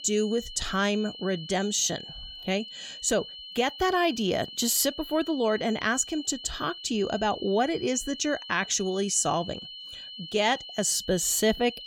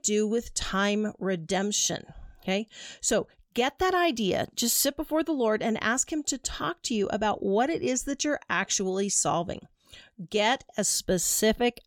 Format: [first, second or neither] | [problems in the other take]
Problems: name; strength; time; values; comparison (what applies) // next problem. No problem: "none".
second | high-pitched whine; noticeable; throughout; 3 kHz, 15 dB below the speech